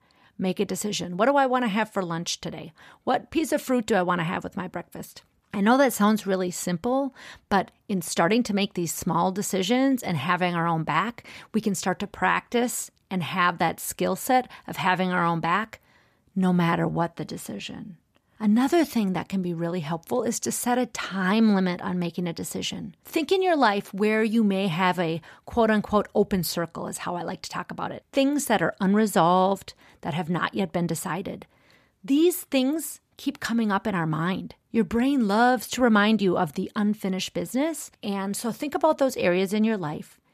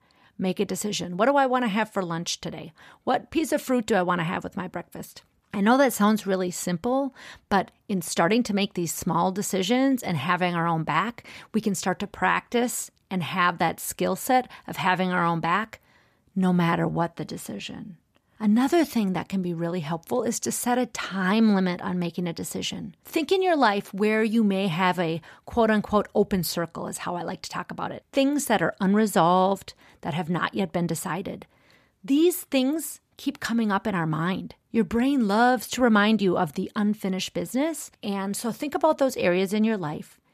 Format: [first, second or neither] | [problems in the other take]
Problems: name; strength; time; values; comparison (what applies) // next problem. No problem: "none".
neither | none